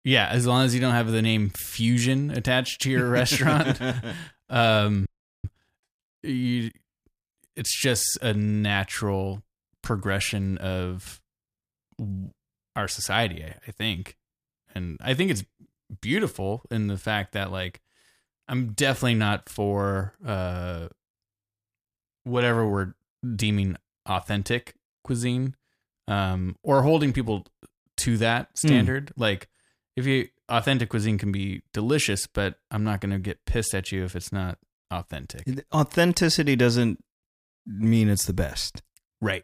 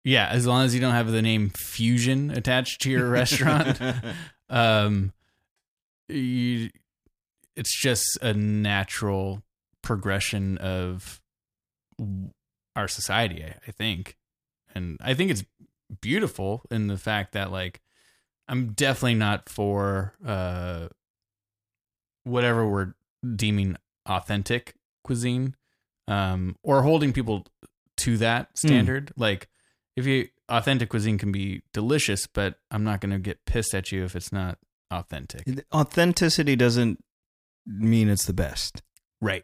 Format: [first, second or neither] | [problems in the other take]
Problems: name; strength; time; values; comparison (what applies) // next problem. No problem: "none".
second | audio freezing; at 5 s